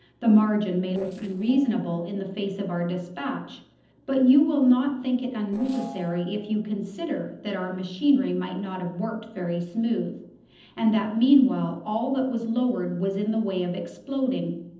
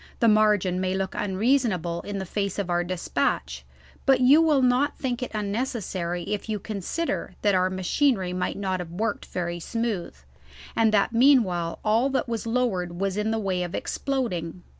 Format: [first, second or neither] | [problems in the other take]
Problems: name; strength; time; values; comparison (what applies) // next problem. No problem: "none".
second | noise reduction (neural separator model SepFormer DNS4)